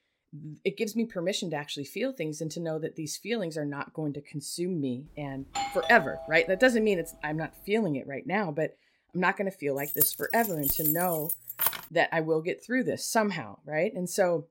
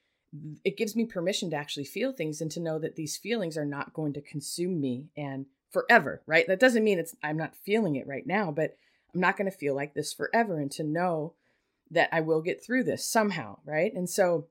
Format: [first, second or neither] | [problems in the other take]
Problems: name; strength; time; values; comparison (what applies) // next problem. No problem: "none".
second | doorbell; noticeable; from 5.5 to 6.5 s; peak 4 dB below the speech // jangling keys; loud; from 10 to 12 s; peak 4 dB above the speech